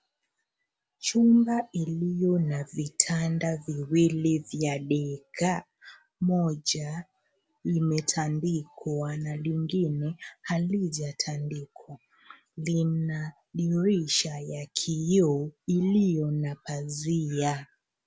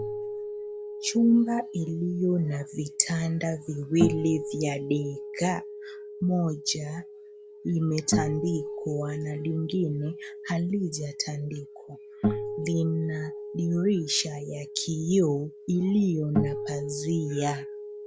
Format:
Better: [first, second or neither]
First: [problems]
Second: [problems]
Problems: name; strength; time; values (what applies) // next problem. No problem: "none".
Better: first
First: none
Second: background sound (Acoustic guitar); 7 dB below the speech